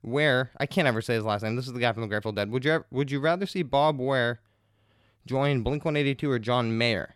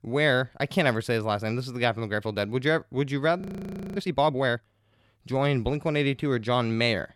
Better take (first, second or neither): first